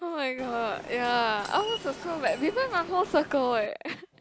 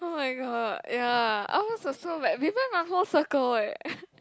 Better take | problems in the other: second | background sound (Subway, metro, underground); 13 dB below the speech

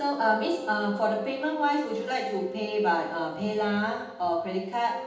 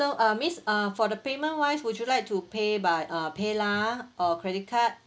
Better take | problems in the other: second | background sound (Wind instrument, woodwind instrument); 13 dB below the speech // room echo; dies away in 0.8 s

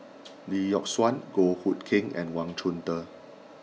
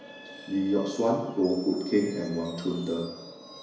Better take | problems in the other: first | background sound (Screech); 19 dB below the speech // room echo; dies away in 1 s

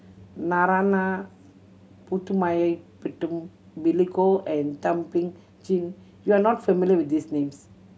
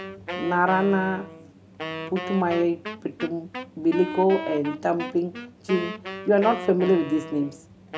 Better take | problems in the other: first | background sound (Wind instrument, woodwind instrument); 11 dB below the speech

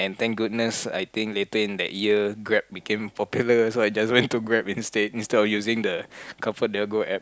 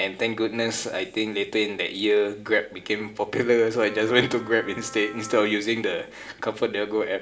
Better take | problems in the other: first | background sound (Wind instrument, woodwind instrument); 18 dB below the speech // room echo; dies away in 1.8 s

